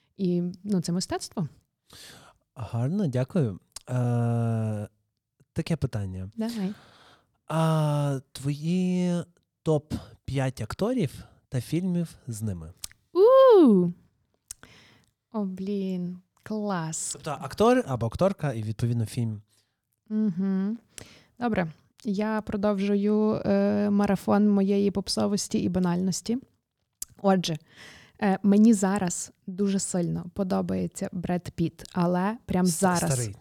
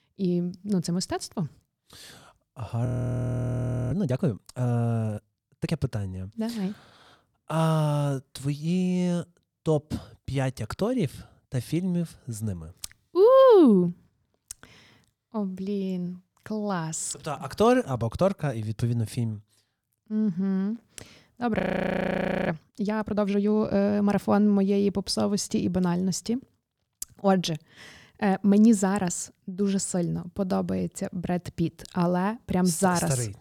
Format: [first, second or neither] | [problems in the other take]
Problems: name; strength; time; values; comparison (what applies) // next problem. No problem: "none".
first | audio freezing; at 3 s for 1 s and at 22 s for 1 s